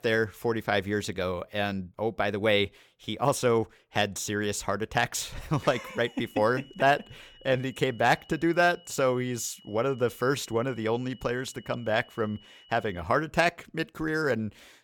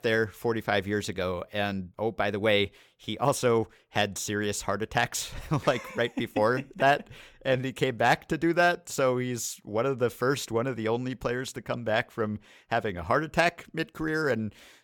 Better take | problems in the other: second | high-pitched whine; faint; from 5.5 to 13 s; 3 kHz, 25 dB below the speech

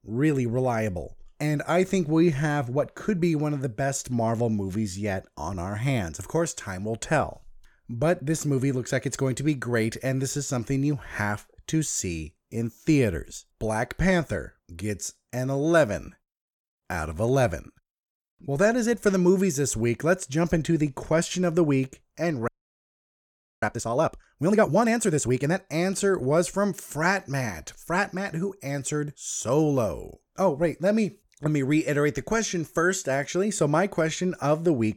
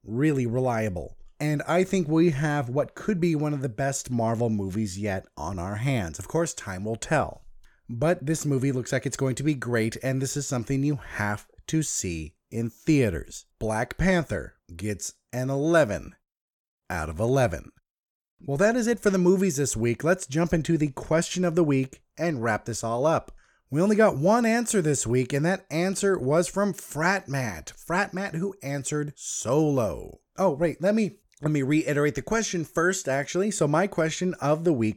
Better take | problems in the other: second | audio freezing; at 22 s for 1 s

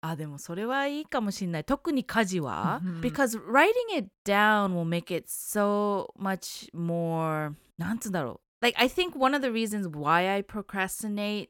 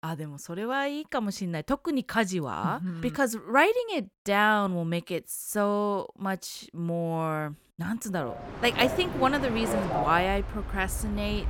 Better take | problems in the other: first | train or aircraft noise; loud; from 8.5 s on; 6 dB below the speech

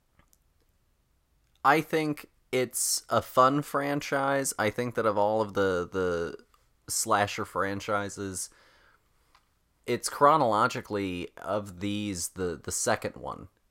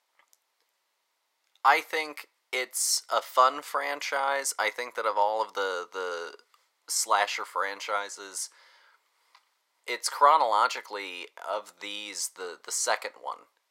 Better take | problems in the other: first | thin; very; fading below 500 Hz

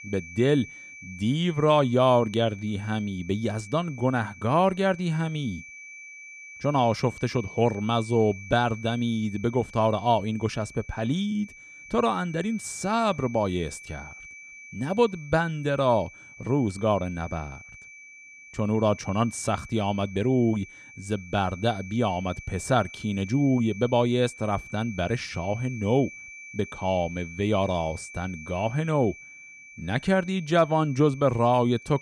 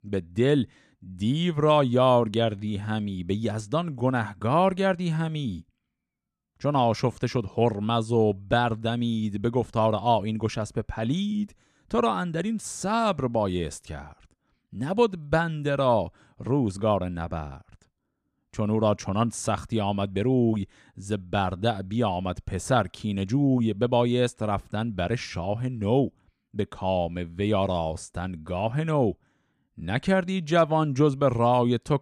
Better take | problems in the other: second | high-pitched whine; noticeable; throughout; 2.5 kHz, 15 dB below the speech

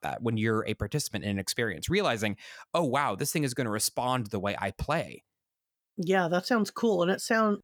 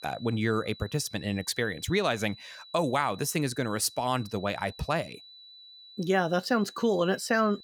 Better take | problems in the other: first | high-pitched whine; noticeable; throughout; 4 kHz, 20 dB below the speech

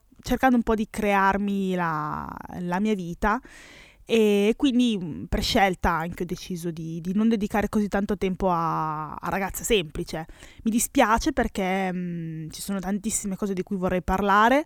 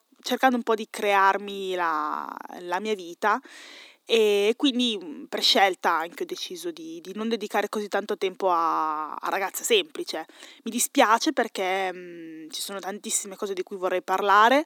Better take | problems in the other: first | thin; somewhat; fading below 250 Hz

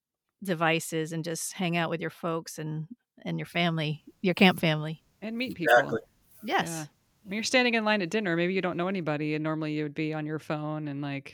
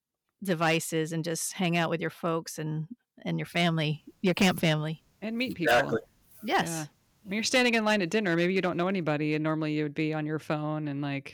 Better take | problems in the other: first | distortion; slight; 2% of the sound clipped

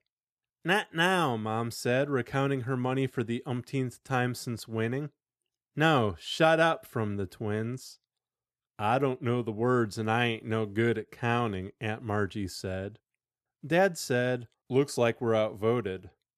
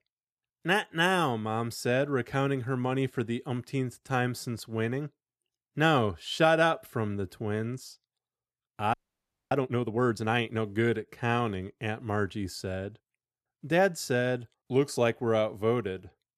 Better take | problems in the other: first | audio freezing; at 9 s for 0.5 s

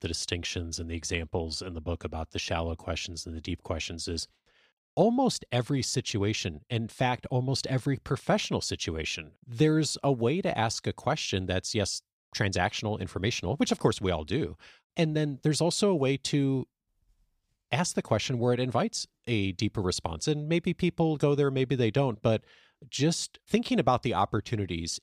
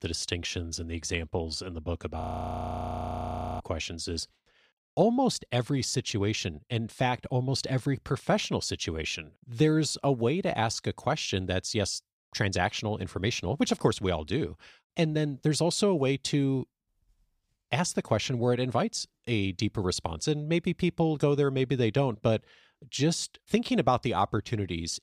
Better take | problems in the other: first | audio freezing; at 2 s for 1.5 s

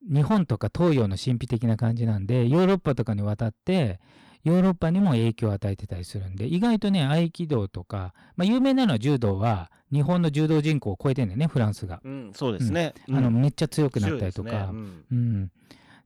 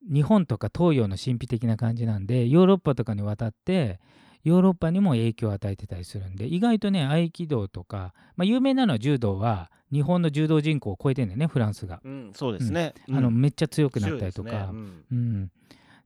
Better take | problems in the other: second | distortion; slight; 8% of the sound clipped

